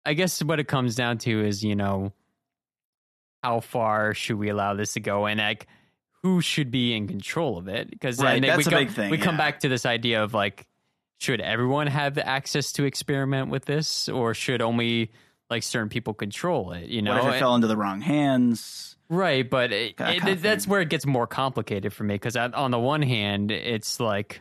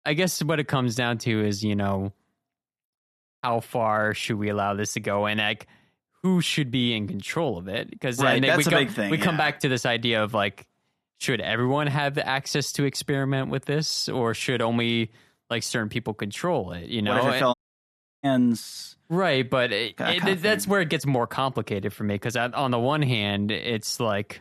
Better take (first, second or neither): first